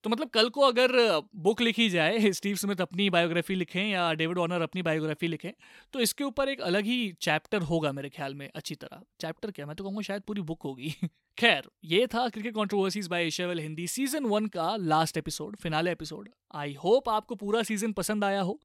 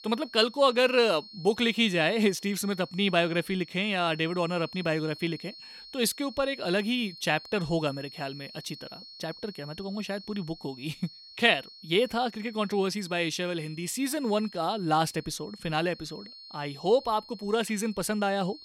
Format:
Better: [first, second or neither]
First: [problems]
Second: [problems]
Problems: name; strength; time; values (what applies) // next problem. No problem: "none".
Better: first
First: none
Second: high-pitched whine; noticeable; throughout; 4.5 kHz, 15 dB below the speech